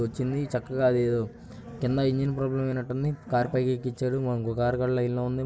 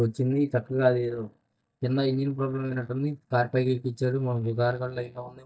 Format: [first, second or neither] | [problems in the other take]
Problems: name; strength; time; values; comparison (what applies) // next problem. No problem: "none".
first | noise reduction (neural mask model DeepFilterNet 3)